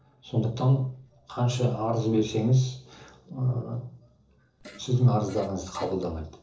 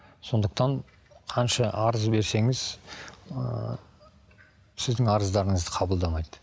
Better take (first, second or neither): second